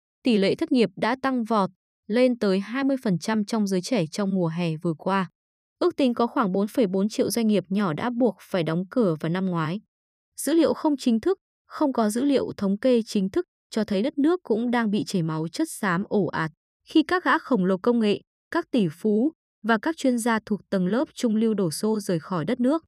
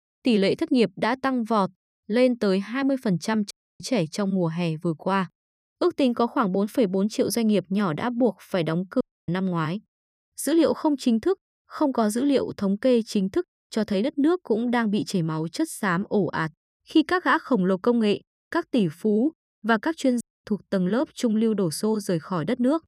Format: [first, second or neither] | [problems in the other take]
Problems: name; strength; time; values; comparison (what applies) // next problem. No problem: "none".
first | audio cutting out; at 3.5 s, at 9 s and at 20 s